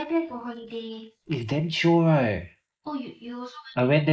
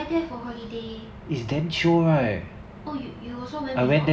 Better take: second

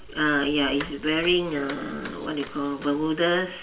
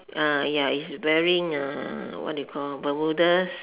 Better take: second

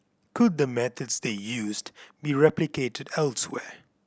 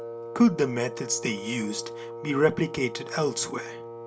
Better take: first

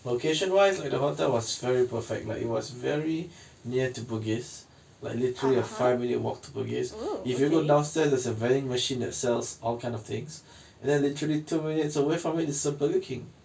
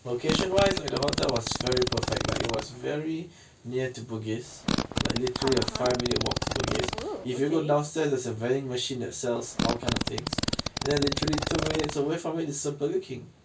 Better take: first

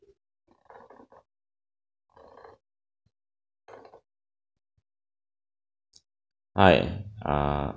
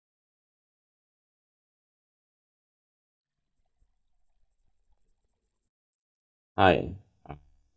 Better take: first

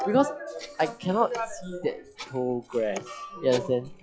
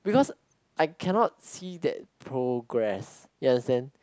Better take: second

